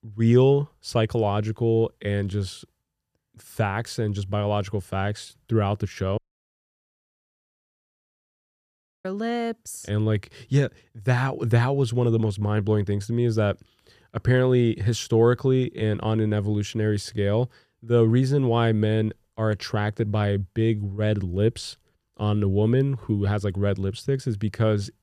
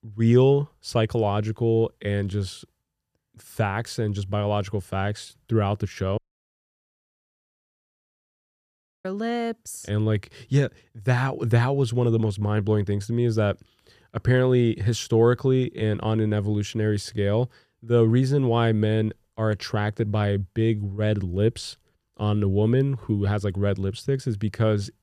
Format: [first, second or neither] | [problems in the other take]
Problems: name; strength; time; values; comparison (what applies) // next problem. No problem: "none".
neither | audio cutting out; at 6 s for 3 s; the same in both